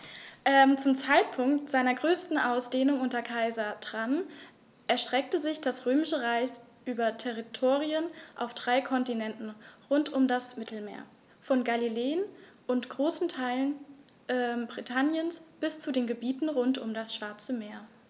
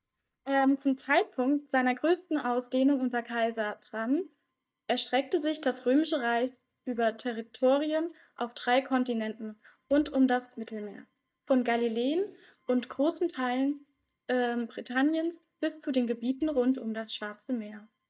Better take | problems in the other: first | noise reduction (neural mask model DeepFilterNet 3)

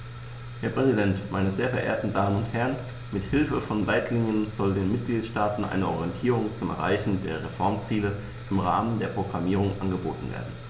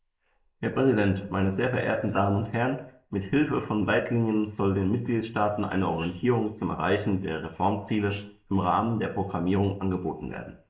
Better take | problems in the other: first | noise reduction (neural mask model Resemble Enhance denoiser)

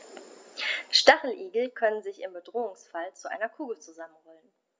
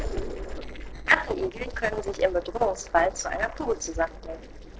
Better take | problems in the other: first | noise reduction (neural separator model SepFormer DNS4)

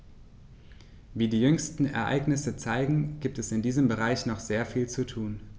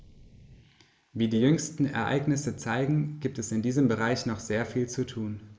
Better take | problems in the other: first | noise reduction (neural mask model Resemble Enhance denoiser)

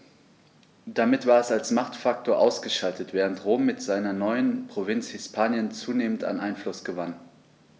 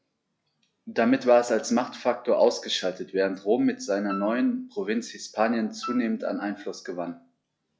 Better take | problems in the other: first | noise reduction (classical method log-MMSE)

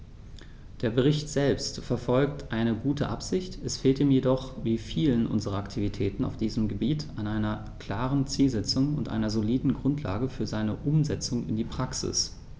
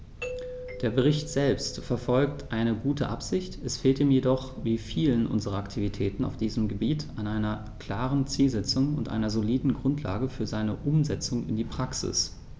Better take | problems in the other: first | background sound (Doorbell); 14 dB below the speech

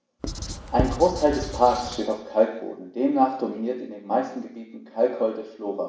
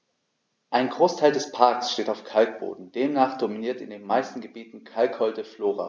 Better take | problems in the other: second | background sound (Writing); 7 dB below the speech // room echo; dies away in 0.8 s

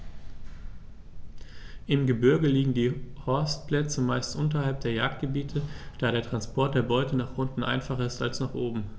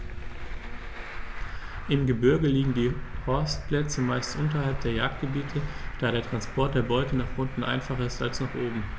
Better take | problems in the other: first | background sound (Traffic noise, roadway noise); 8 dB below the speech

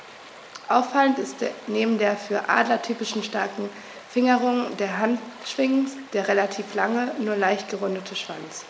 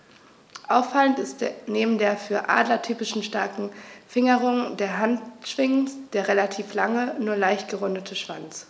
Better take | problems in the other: second | background sound (Stream); 19 dB below the speech

